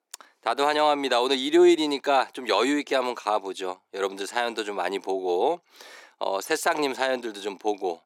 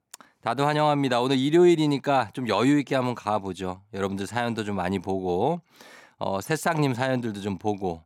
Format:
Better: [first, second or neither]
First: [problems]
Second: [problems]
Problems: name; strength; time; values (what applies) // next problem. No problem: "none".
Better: second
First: thin; somewhat; fading below 350 Hz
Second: none